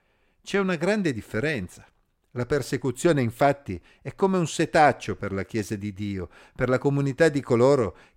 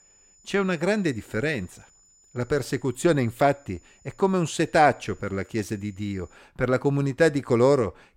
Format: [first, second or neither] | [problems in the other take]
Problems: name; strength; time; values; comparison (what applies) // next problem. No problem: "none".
first | high-pitched whine; faint; until 6.5 s; 7 kHz, 30 dB below the speech